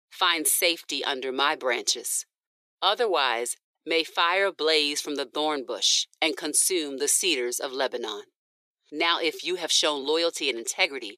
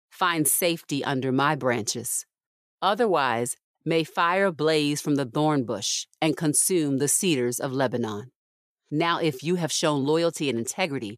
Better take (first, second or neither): second